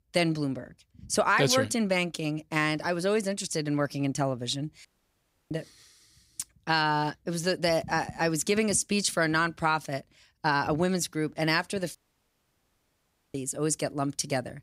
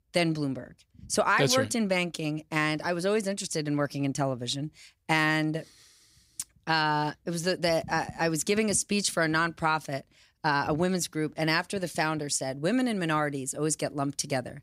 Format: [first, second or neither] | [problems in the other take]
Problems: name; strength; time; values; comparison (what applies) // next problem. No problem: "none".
second | audio cutting out; at 5 s for 0.5 s and at 12 s for 1.5 s